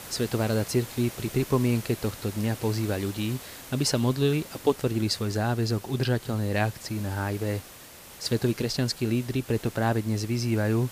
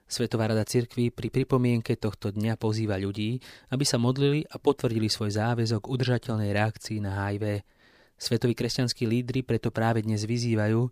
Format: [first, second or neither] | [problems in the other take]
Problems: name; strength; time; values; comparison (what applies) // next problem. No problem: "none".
second | hiss; noticeable; throughout; 15 dB below the speech